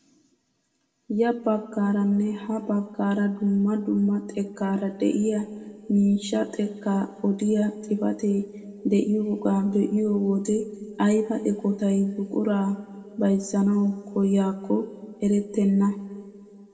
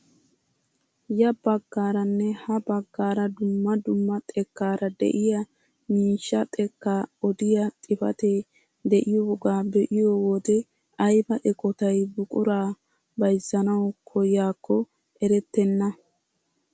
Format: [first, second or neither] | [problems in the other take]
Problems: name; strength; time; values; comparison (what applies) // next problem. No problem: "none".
second | room echo; dies away in 2.1 s